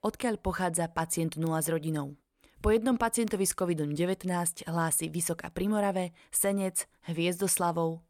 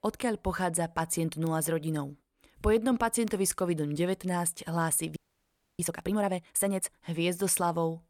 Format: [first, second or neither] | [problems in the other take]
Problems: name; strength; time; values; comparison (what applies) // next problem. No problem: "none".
first | audio freezing; at 5 s for 0.5 s